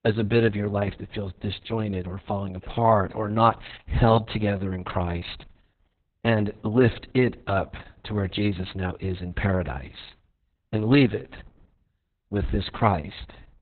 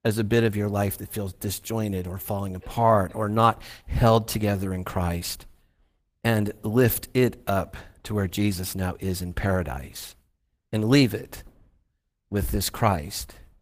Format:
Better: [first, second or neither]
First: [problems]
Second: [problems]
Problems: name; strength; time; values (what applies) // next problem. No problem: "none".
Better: second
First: garbled, watery; badly; nothing above 4 kHz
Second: garbled, watery; slightly; nothing above 15 kHz